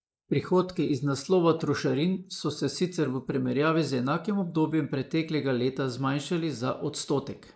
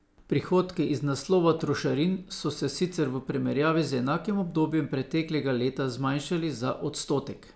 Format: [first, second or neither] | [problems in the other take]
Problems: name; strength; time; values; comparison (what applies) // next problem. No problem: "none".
second | noise reduction (neural mask model Resemble Enhance denoiser)